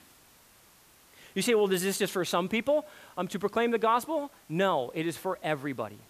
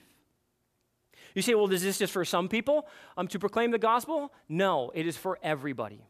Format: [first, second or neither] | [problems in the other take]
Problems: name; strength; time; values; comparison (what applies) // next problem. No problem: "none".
second | hiss; faint; throughout; 30 dB below the speech